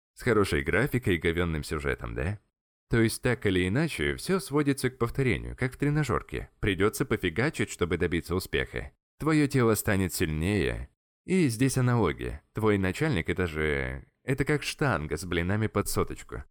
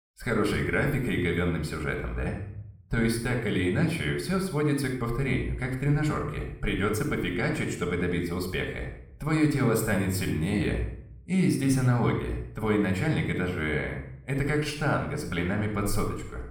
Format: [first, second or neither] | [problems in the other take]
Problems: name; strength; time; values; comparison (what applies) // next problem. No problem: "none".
first | room echo; slight; dies away in 0.6 s // off-mic speech; somewhat distant